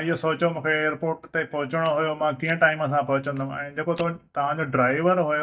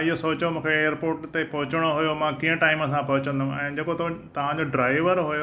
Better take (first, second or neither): second